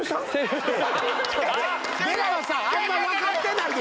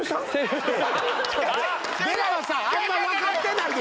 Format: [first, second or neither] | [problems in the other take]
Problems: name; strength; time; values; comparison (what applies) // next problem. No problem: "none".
second | background sound (Keyboard (musical)); 14 dB below the speech